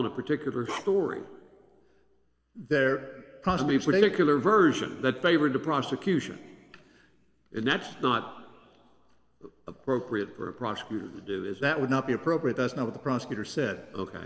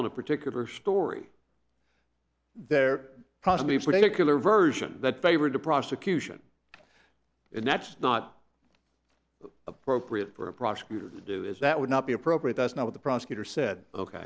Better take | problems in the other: second | background sound (Bark); 12 dB below the speech // room echo; dies away in 1.6 s

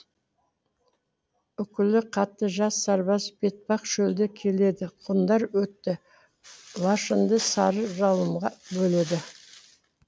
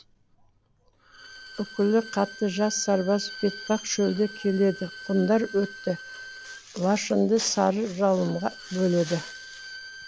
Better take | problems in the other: first | background sound (Bowed string instrument); 17 dB below the speech

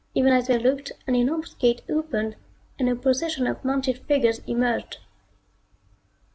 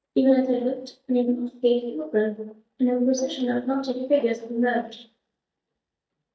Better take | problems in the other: first | noise reduction (neural mask model DeepFilterNet 3)

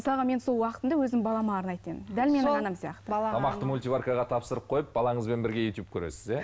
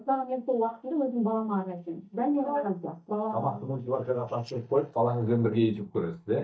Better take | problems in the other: first | noise reduction (neural mask model DeepFilterNet 3)

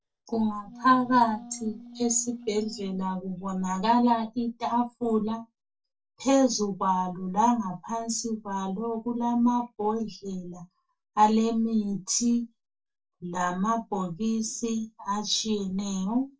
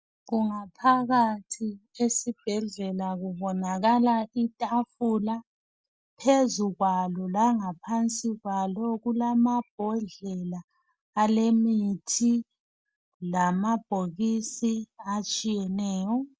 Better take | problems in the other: second | noise reduction (neural separator model SepFormer DNS4)

